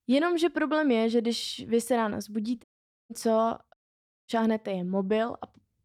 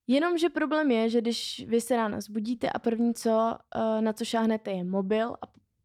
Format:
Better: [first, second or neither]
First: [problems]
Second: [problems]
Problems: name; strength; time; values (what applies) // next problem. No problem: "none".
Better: second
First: audio cutting out; at 2.5 s and at 3.5 s for 0.5 s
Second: none